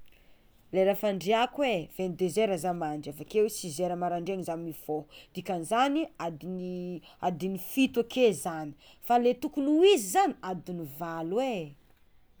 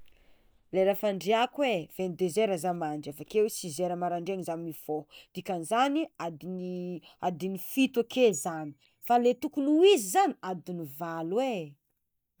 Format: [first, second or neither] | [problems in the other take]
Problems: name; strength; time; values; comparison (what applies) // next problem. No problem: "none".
first | noise reduction (neural mask model DeepFilterNet 3)